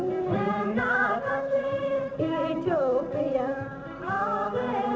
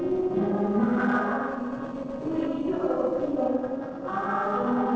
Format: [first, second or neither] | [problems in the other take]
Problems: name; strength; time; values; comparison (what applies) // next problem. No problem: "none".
first | noise reduction (neural separator model SepFormer DNS4)